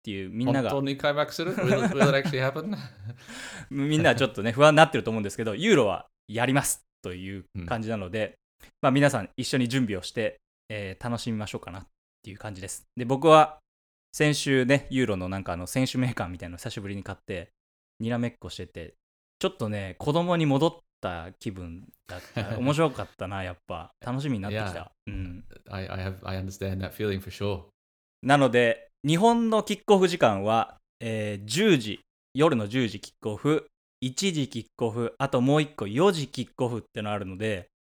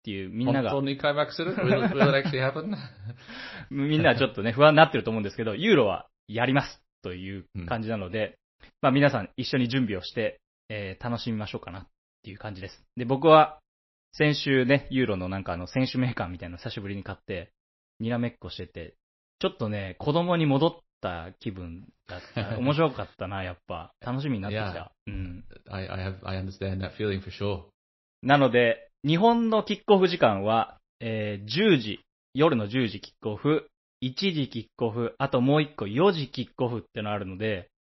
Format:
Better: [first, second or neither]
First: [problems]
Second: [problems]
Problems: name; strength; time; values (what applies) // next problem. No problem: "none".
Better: first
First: none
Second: garbled, watery; slightly; nothing above 5.5 kHz